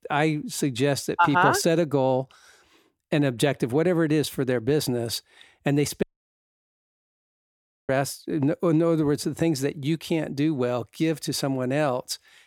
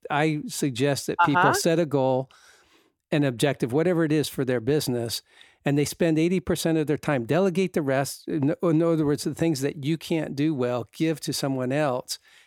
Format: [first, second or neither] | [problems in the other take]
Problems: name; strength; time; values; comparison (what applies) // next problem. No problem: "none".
second | audio cutting out; at 6 s for 2 s